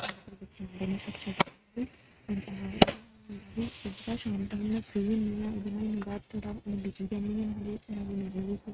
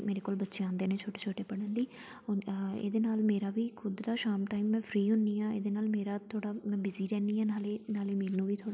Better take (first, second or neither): second